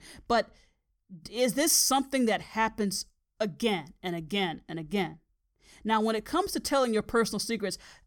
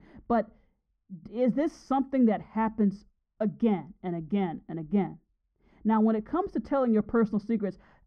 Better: first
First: none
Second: muffled; very; fading above 1 kHz

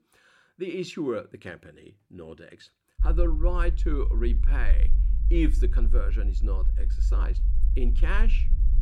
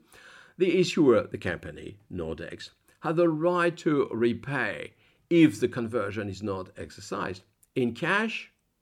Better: second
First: low rumble; noticeable; from 3 s on; 15 dB below the speech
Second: none

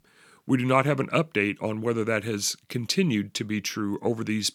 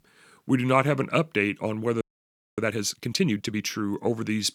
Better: first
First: none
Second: audio freezing; at 2 s for 0.5 s

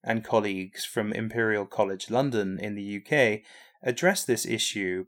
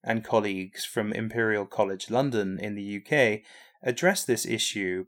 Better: neither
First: none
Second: none

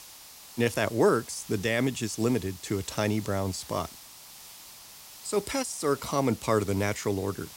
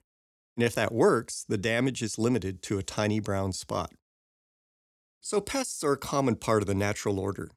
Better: second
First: hiss; noticeable; throughout; 15 dB below the speech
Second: none

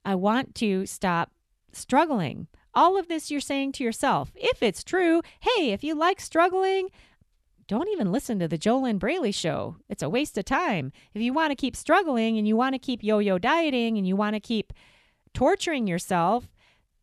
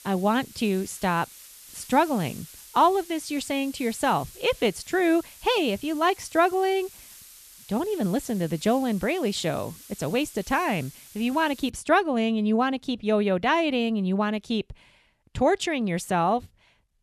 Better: first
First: none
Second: hiss; noticeable; until 12 s; 20 dB below the speech

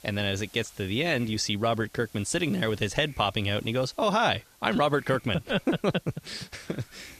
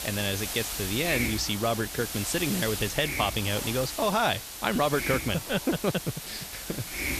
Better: first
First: hiss; faint; throughout; 25 dB below the speech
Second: hiss; loud; throughout; 4 dB below the speech

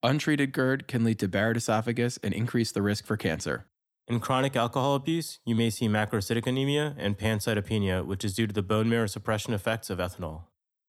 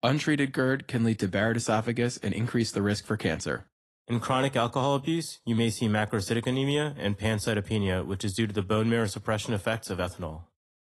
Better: first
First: none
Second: garbled, watery; slightly; nothing above 11.5 kHz

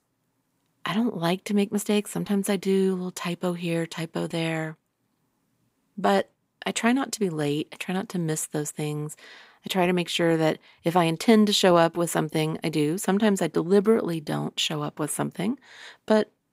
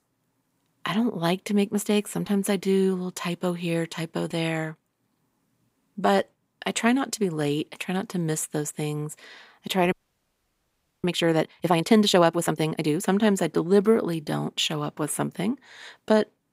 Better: first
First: none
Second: audio freezing; at 10 s for 1 s

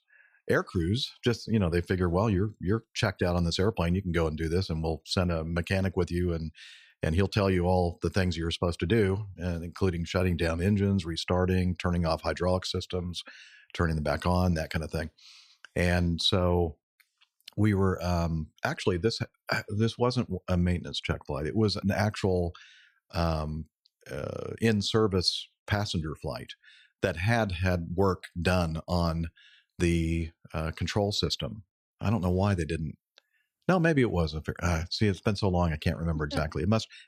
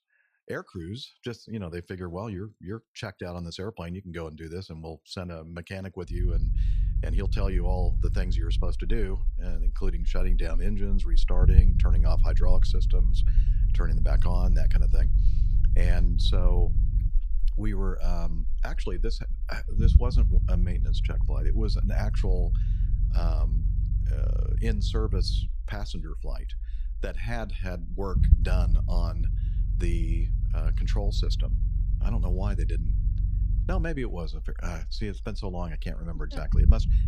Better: first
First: none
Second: low rumble; loud; from 6 s on; 8 dB below the speech

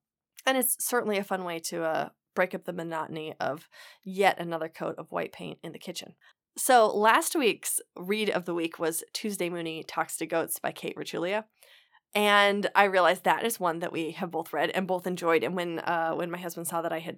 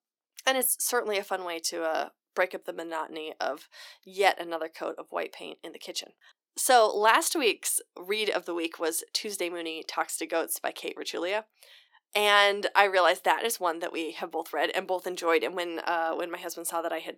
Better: first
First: none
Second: thin; somewhat; fading below 300 Hz

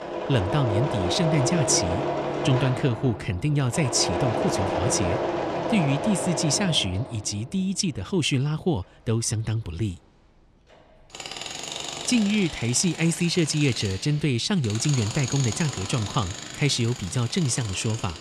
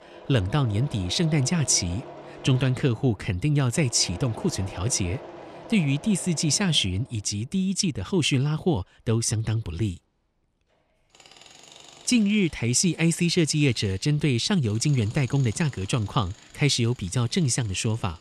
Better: second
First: machinery noise; loud; throughout; 5 dB below the speech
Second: machinery noise; faint; throughout; 20 dB below the speech

